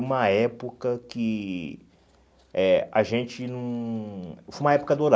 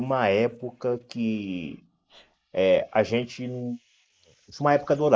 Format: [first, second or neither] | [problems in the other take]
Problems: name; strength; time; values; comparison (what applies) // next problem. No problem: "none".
first | noise reduction (neural mask model Resemble Enhance denoiser)